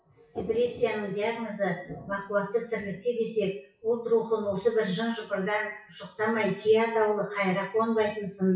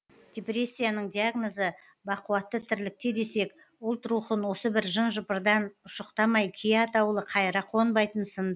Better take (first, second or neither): second